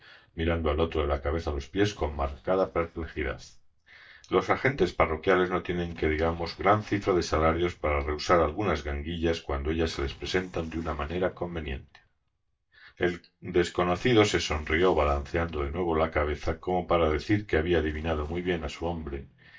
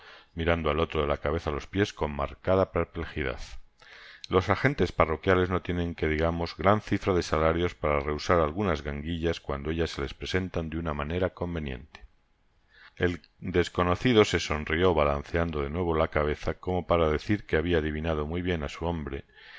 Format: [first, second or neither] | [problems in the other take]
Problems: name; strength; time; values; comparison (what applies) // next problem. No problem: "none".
second | noise reduction (neural mask model DeepFilterNet 3)